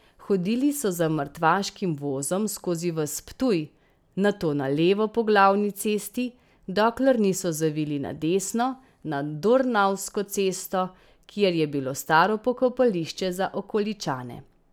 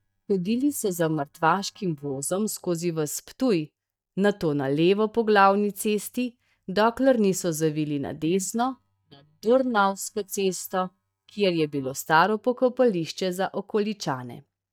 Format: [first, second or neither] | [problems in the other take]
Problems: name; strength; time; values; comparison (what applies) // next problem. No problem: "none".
first | noise reduction (neural mask model DeepFilterNet 3)